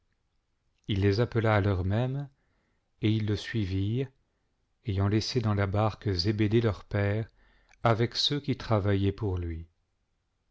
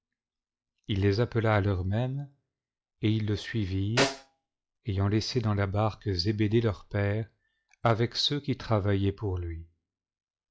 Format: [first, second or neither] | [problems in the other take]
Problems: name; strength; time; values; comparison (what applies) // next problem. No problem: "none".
first | noise reduction (classical method log-MMSE)